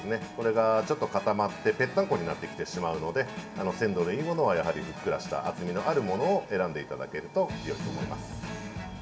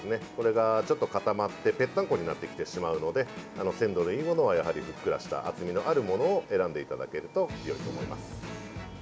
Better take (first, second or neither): second